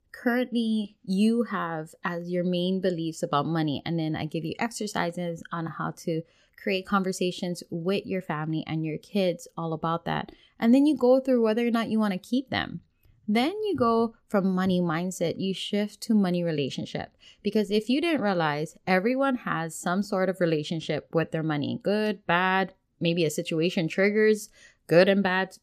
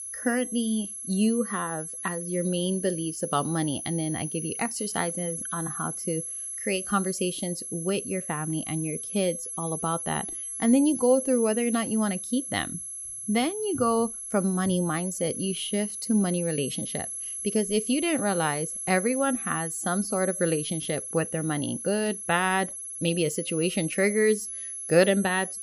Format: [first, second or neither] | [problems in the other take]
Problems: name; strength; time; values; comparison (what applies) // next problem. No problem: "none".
first | high-pitched whine; loud; throughout; 11 kHz, 5 dB below the speech